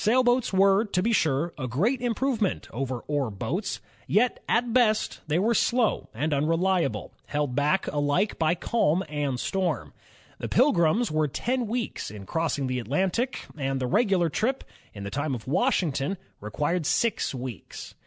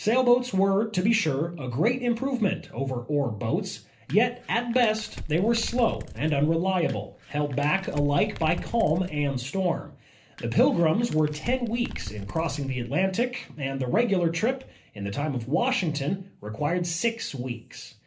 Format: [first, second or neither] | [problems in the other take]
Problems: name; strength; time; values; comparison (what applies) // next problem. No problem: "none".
first | background sound (Crumpling, crinkling); 13 dB below the speech // room echo; dies away in 0.3 s